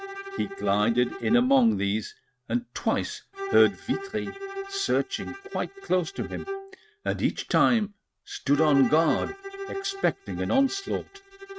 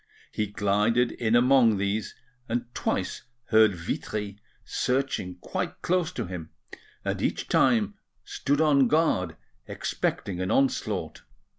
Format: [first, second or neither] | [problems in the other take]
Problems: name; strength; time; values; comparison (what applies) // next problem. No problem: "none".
second | noise reduction (neural mask model RNNoise)